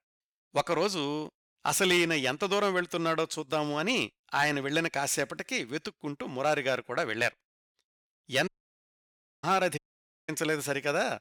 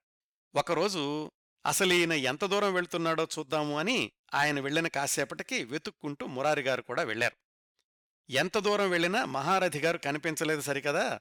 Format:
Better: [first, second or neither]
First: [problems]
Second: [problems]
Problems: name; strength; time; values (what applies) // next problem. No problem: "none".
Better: second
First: audio cutting out; at 8.5 s for 1 s and at 10 s for 0.5 s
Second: none